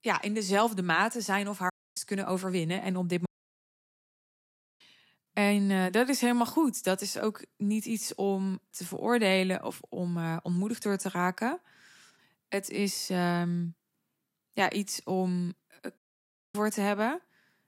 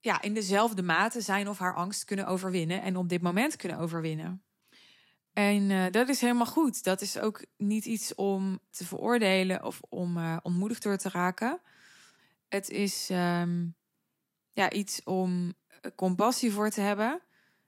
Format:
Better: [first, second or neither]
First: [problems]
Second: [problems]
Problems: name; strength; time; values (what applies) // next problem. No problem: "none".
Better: second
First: audio cutting out; at 1.5 s, at 3.5 s for 1.5 s and at 16 s for 0.5 s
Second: none